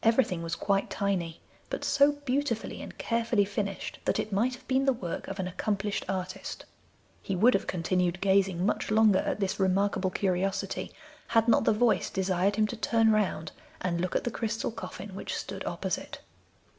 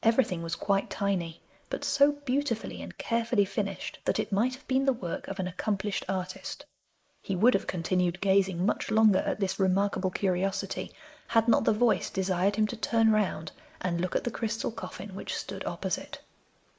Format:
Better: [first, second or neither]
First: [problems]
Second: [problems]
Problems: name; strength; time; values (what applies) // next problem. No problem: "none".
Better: first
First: none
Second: noise reduction (neural mask model Resemble Enhance denoiser)